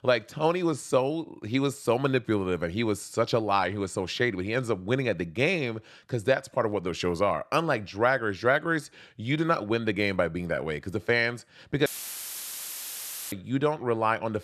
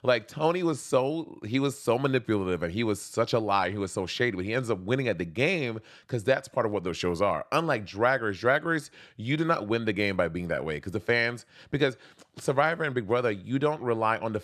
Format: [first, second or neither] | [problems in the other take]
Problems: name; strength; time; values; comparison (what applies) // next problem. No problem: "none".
second | audio cutting out; filled with static; at 12 s for 1.5 s